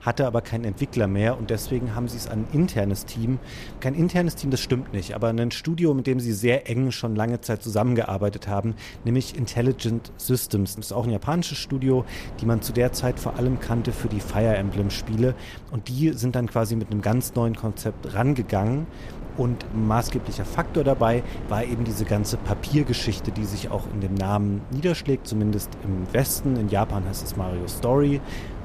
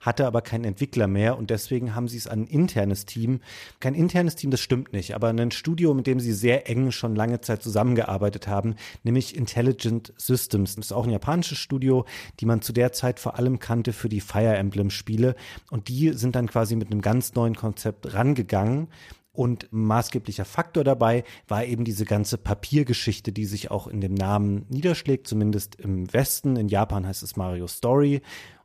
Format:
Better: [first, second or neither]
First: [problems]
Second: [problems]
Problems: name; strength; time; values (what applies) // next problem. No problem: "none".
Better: second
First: wind noise on the microphone; occasional gusts; 15 dB below the speech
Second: none